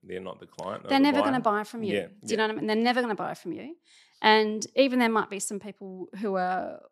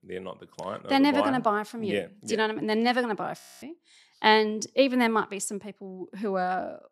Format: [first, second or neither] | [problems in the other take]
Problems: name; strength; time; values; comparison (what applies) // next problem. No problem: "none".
first | audio freezing; at 3.5 s